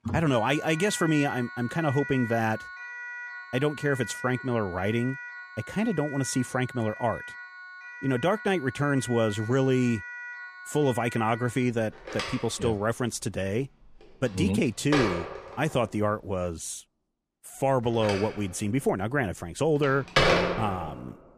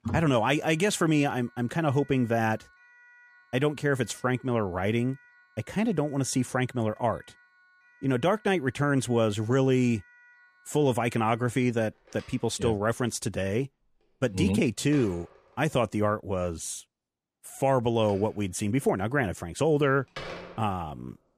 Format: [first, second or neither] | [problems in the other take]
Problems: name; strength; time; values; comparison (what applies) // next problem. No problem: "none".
second | alarms or sirens; loud; throughout; 7 dB below the speech; faint in the second